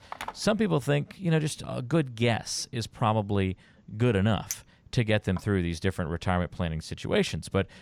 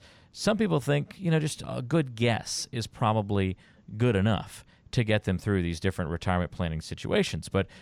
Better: second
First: phone ringing; faint; at the start; peak 10 dB below the speech // clattering dishes; noticeable; at 4.5 s; peak 9 dB below the speech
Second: none

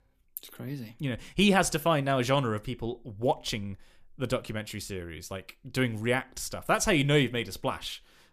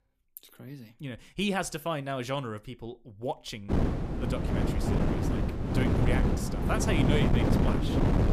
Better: first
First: none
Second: wind noise on the microphone; heavy; from 3.5 s on; 1 dB above the speech

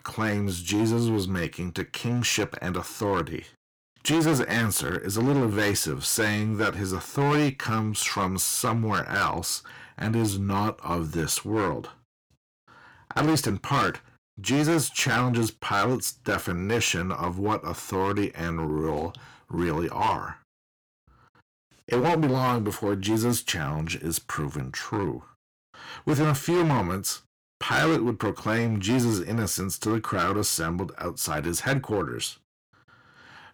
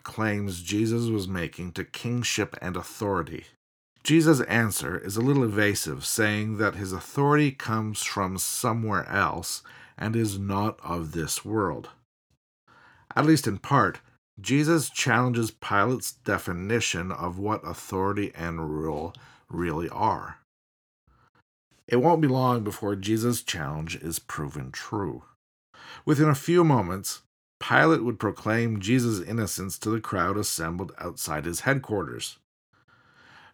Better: second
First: distortion; heavy; 9% of the sound clipped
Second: none

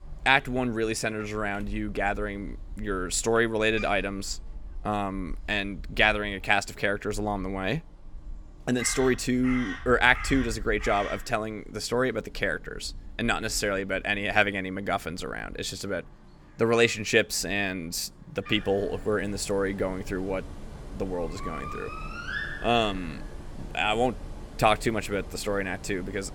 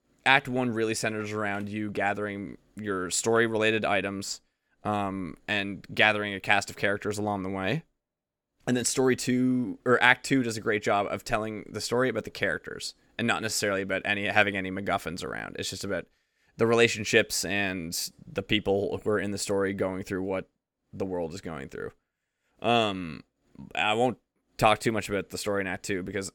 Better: second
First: animal sounds; noticeable; throughout; 15 dB below the speech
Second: none

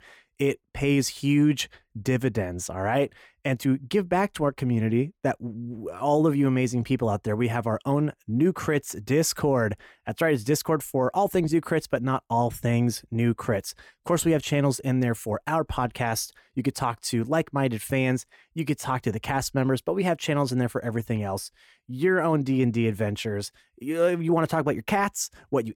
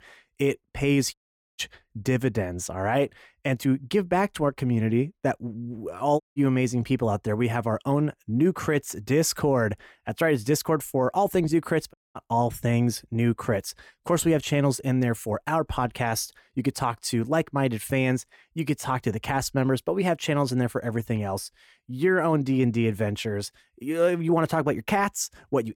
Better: first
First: none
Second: audio cutting out; at 1 s, at 6 s and at 12 s

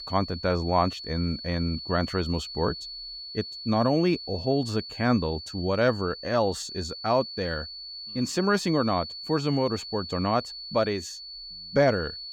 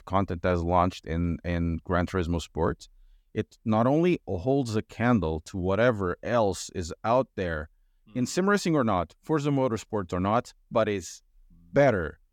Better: second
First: high-pitched whine; loud; throughout; 4.5 kHz, 9 dB below the speech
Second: none

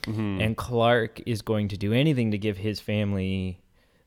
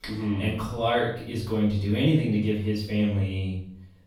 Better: first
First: none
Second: off-mic speech; far // room echo; noticeable; dies away in 0.5 s

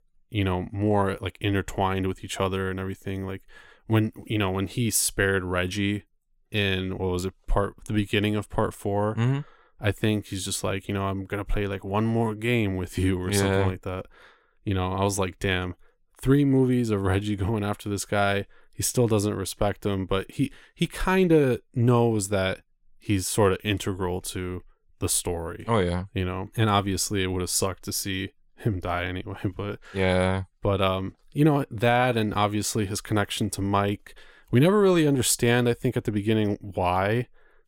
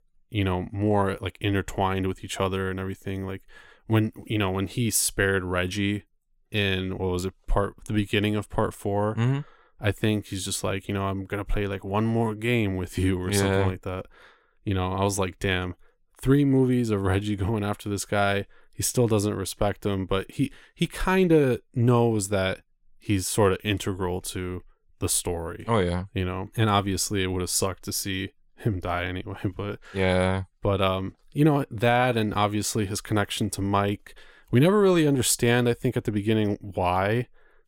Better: neither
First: none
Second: none

